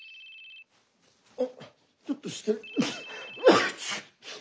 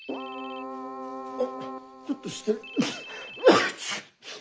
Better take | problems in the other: first | background sound (Keyboard (musical)); 10 dB below the speech

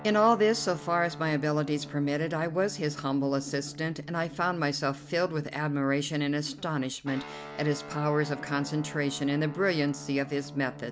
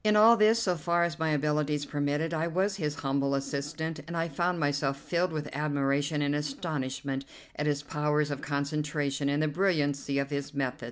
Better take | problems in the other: second | background sound (Guitar); 16 dB below the speech

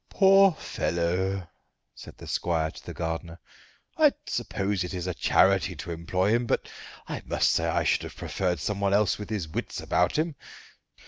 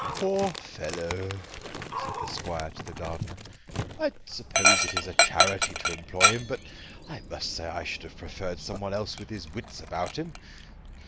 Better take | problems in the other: first | background sound (Dog); 4 dB above the speech

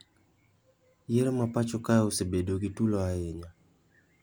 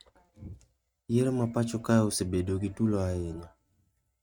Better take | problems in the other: first | noise reduction (neural mask model RNNoise)

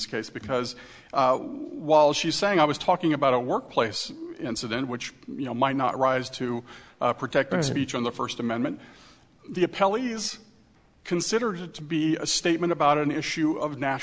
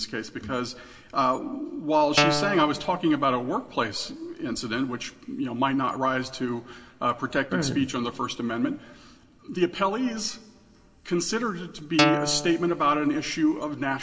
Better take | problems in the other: first | background sound (Guitar); as loud as the speech // room echo; dies away in 1.4 s

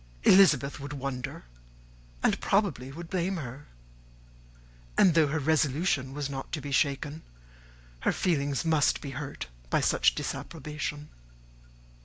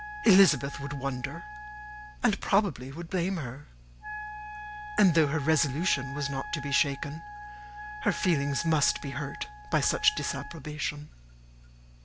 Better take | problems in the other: first | background sound (Wind instrument, woodwind instrument); 13 dB below the speech

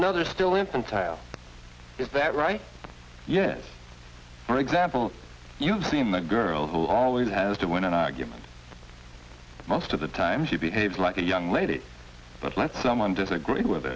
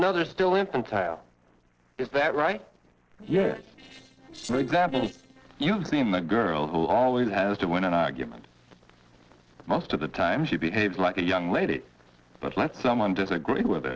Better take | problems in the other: first | noise reduction (neural separator model SepFormer DNS4)

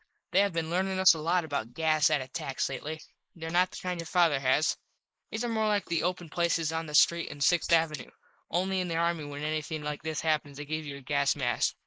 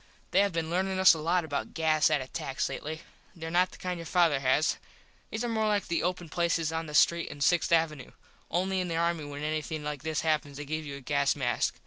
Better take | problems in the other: second | noise reduction (neural mask model Resemble Enhance denoiser)

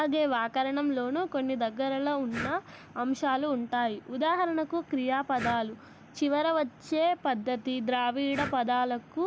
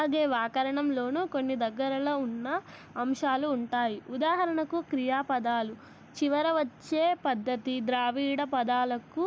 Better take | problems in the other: second | background sound (Breathing); 17 dB below the speech

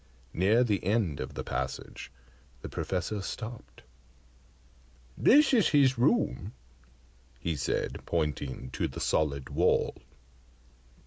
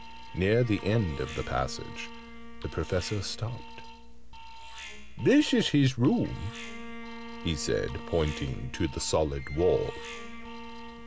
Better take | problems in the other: first | background sound (Bowed string instrument + Alarm); 11 dB below the speech

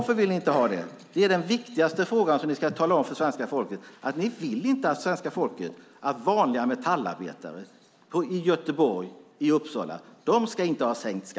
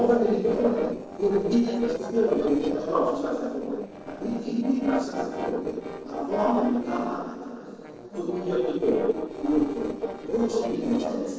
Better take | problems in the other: first | noise reduction (neural separator model SepFormer DNS4)

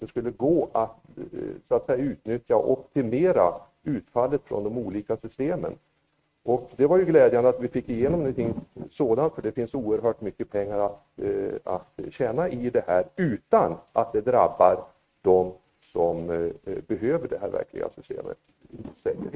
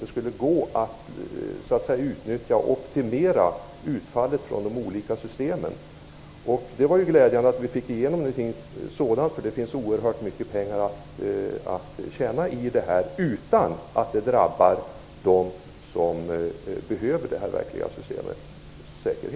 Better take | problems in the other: second | noise reduction (neural mask model RNNoise)

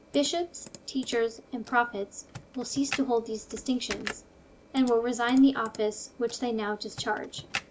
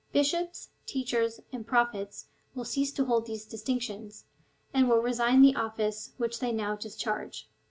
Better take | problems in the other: second | background sound (Computer keyboard); 15 dB below the speech

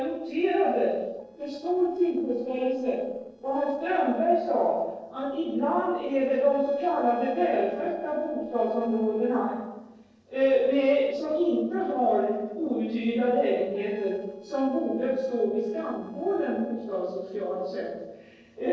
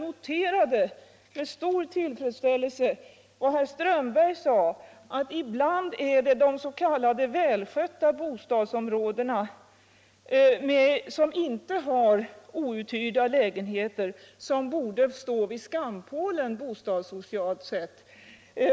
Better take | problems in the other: second | noise reduction (neural separator model SepFormer DNS4)

